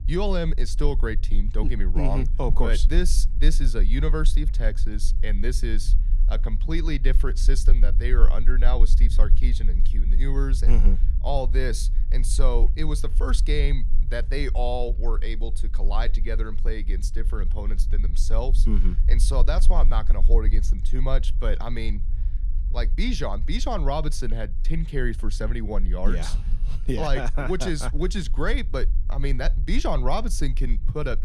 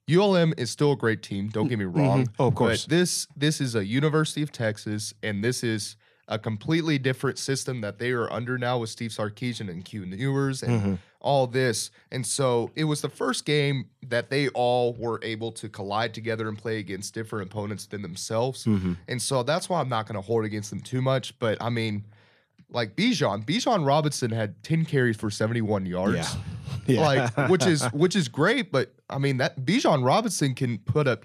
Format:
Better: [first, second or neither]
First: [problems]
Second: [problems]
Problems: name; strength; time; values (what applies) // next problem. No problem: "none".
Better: second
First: low rumble; noticeable; throughout; 15 dB below the speech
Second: none